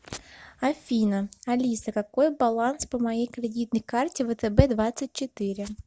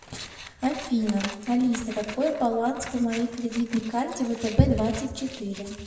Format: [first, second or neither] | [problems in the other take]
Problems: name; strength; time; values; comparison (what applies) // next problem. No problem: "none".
first | background sound (Scissors); 15 dB below the speech // room echo; dies away in 1.4 s